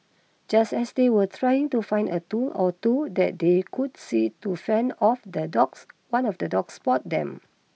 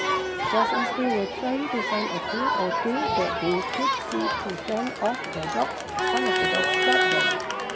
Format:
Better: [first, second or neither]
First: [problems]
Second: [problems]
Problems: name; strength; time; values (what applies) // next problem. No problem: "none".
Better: first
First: none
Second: background sound (Crowd); 4 dB above the speech